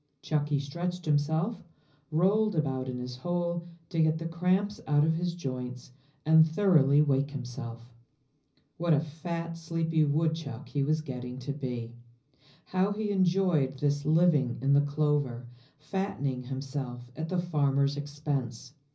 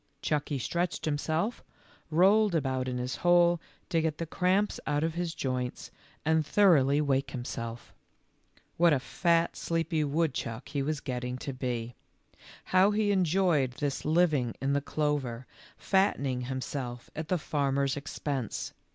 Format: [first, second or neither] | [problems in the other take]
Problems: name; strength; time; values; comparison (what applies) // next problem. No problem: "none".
second | room echo; dies away in 0.5 s